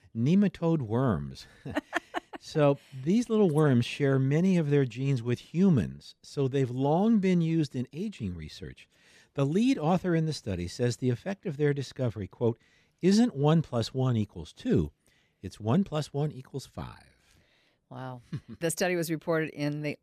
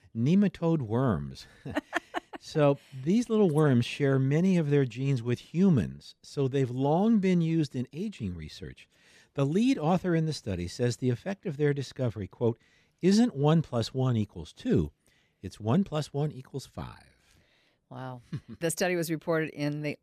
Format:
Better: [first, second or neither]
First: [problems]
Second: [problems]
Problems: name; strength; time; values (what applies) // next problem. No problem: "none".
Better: neither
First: none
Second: none